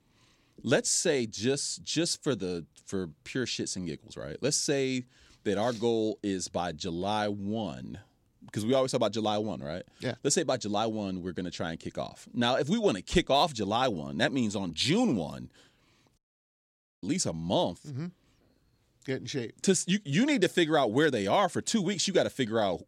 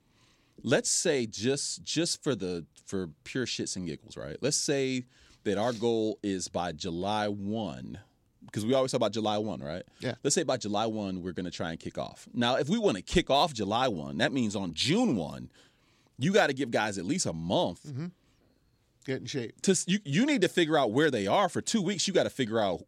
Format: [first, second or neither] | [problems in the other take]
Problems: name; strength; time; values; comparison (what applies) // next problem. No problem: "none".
second | audio cutting out; at 16 s for 1 s